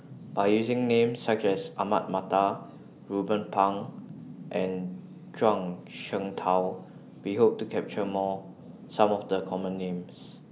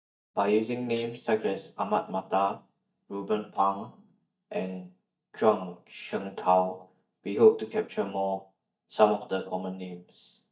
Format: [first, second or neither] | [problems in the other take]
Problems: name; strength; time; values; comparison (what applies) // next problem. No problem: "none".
first | noise reduction (neural mask model DeepFilterNet 3)